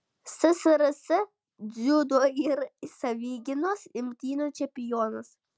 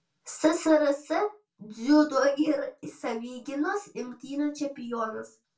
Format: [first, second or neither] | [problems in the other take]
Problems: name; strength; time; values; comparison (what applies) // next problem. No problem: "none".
first | room echo; dies away in 0.2 s